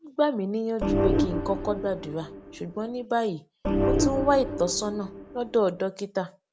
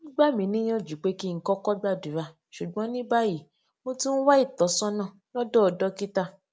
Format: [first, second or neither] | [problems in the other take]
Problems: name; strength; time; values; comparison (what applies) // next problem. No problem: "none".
second | background sound (Organ); as loud as the speech